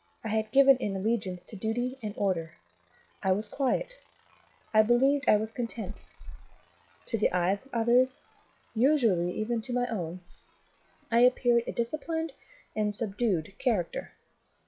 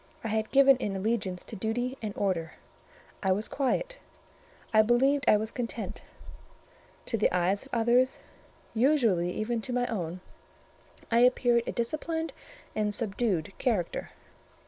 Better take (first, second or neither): second